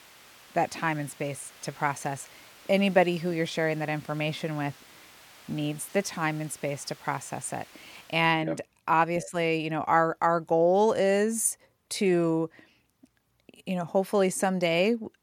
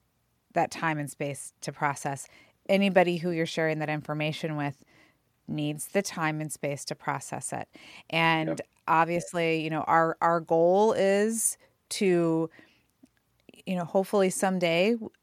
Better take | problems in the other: second | hiss; faint; until 8 s; 25 dB below the speech

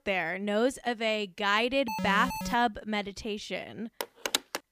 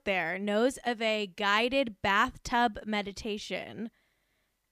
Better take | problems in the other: second | alarm; noticeable; at 2 s; peak 5 dB below the speech // phone ringing; noticeable; at 4 s; peak 1 dB below the speech

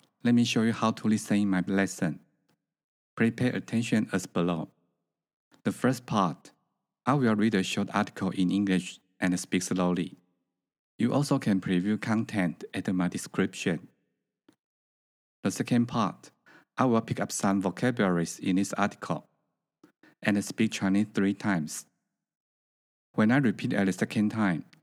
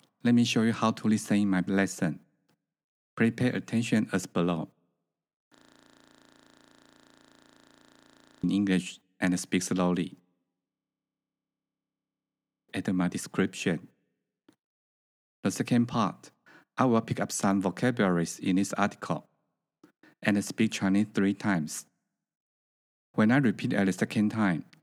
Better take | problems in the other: first | audio freezing; at 5.5 s for 3 s and at 11 s for 2 s

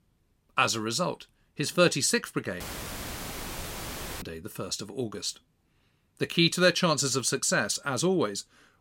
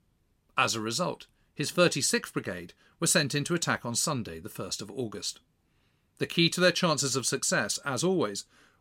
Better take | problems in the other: second | audio cutting out; filled with static; at 2.5 s for 1.5 s

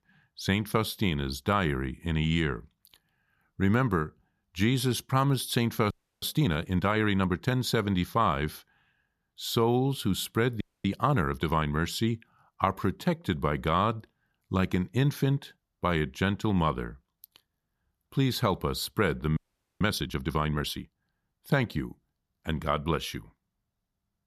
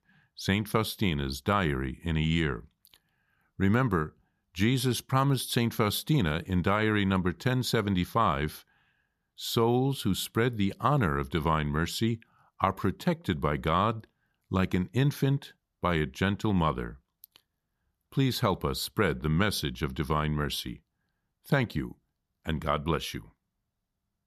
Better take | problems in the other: second | audio freezing; at 6 s, at 11 s and at 19 s

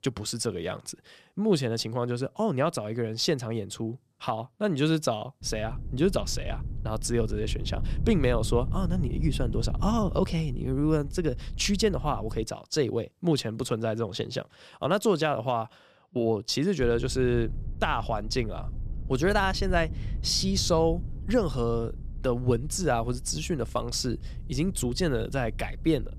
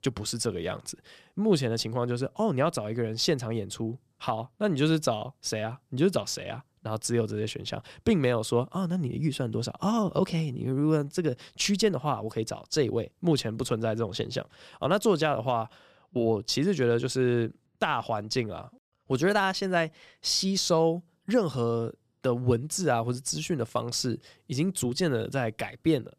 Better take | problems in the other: second | low rumble; faint; from 5.5 to 12 s and from 17 s on; 20 dB below the speech

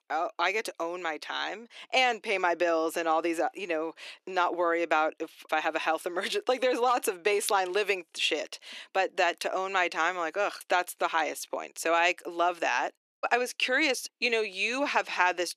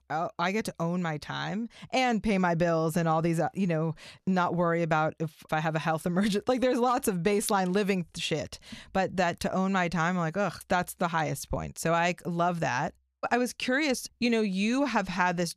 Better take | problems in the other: second | thin; very; fading below 300 Hz

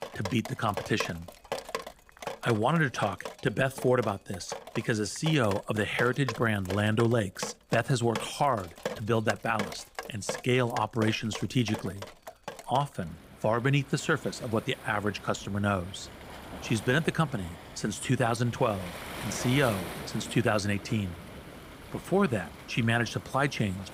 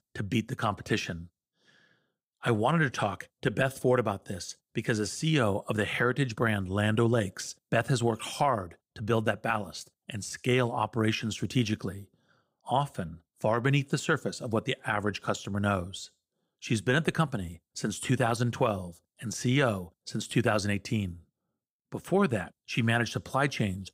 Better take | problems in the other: second | rain or running water; noticeable; throughout; 10 dB below the speech

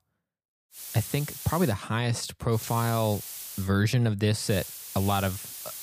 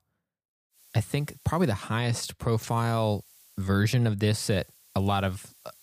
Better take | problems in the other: second | hiss; loud; at 1 s, from 2.5 to 3.5 s and from 4.5 s on; 10 dB below the speech; faint in the second

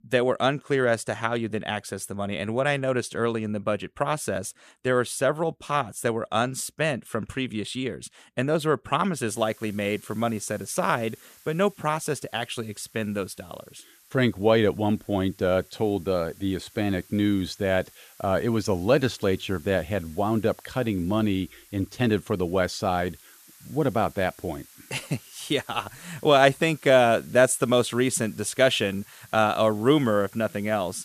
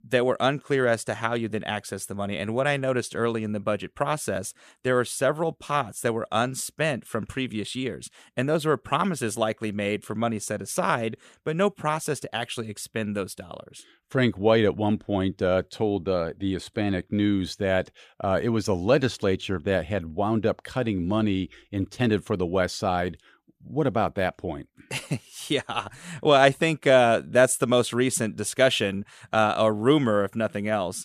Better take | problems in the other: second | hiss; faint; from 9.5 s on; 25 dB below the speech

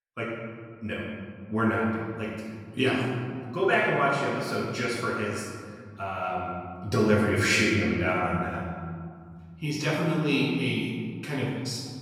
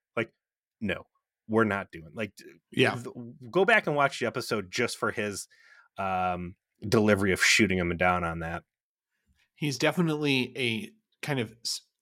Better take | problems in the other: second | off-mic speech; far // room echo; strong; dies away in 2.1 s

